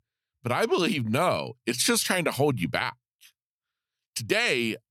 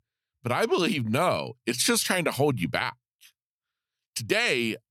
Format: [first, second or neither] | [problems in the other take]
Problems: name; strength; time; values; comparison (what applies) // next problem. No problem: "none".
neither | none